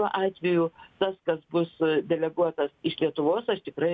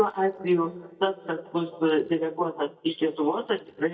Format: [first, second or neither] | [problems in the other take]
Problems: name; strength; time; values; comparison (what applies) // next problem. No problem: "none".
first | noise reduction (neural mask model DeepFilterNet 3)